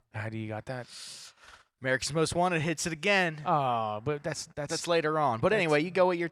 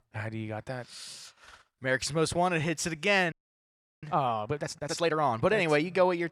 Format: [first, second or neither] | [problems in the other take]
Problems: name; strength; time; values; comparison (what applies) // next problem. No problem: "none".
first | audio freezing; at 3.5 s for 0.5 s